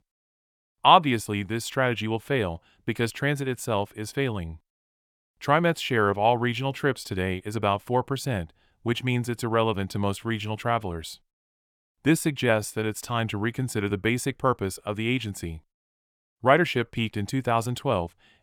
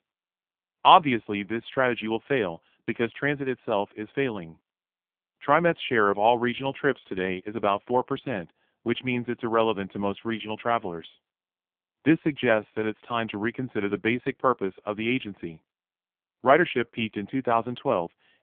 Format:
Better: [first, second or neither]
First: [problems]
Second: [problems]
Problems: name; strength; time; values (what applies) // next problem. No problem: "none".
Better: first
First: none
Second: phone-call audio; poor line; nothing above 3.5 kHz